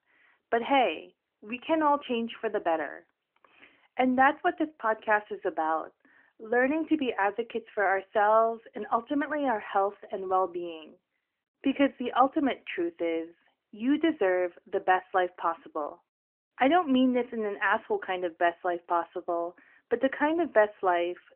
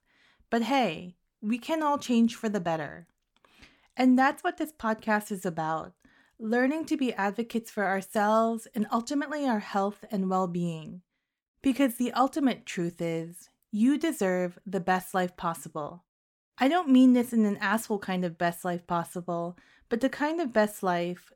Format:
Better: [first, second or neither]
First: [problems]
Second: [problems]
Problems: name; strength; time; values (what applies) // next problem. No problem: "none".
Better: second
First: phone-call audio; nothing above 3 kHz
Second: none